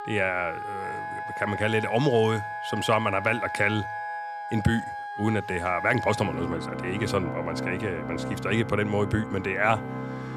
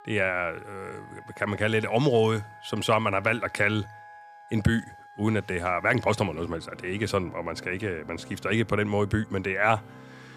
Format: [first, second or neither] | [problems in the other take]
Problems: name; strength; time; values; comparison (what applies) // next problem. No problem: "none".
second | background music; loud; throughout; 7 dB below the speech; faint in the second